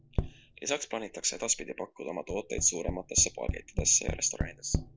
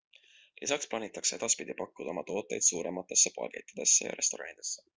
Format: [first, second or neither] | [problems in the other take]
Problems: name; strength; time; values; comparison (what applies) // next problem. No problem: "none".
second | background sound (Tap); 5 dB below the speech